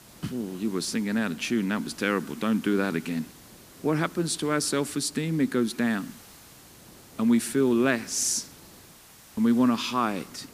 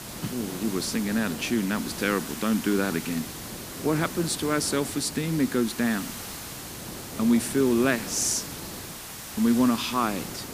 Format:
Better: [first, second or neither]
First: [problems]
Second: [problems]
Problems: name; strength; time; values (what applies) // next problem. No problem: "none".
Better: first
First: hiss; faint; throughout; 20 dB below the speech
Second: hiss; loud; throughout; 9 dB below the speech